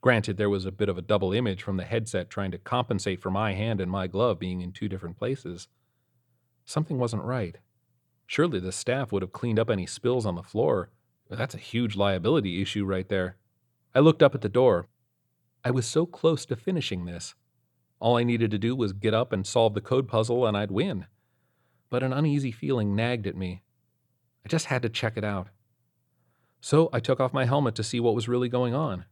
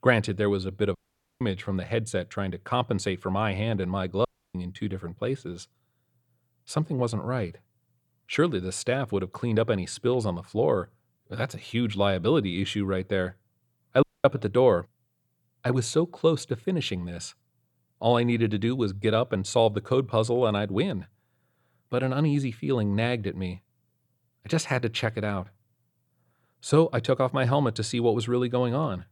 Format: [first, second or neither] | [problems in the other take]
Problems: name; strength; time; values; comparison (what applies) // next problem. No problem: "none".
first | audio cutting out; at 1 s, at 4.5 s and at 14 s